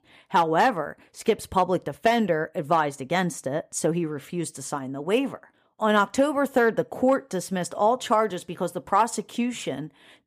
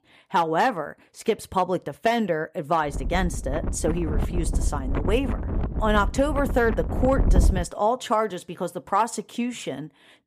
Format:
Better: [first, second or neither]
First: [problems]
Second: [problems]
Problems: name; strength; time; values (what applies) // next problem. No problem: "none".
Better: first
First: none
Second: wind noise on the microphone; occasional gusts; from 3 to 7.5 s; 10 dB below the speech